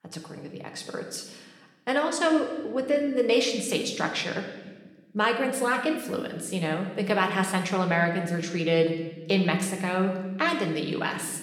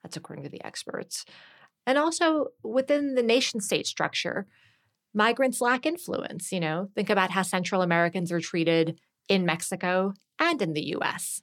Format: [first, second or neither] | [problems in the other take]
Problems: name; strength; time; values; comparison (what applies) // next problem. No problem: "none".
second | room echo; slight; dies away in 1.1 s